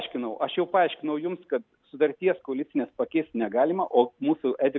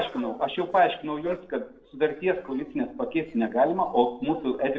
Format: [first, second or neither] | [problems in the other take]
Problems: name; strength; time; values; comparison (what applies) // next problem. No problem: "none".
first | noise reduction (neural separator model SepFormer DNS4)